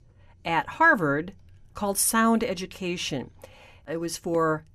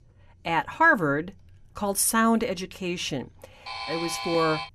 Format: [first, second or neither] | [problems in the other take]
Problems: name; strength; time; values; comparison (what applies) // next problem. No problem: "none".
first | alarm; noticeable; from 3.5 s on; peak 6 dB below the speech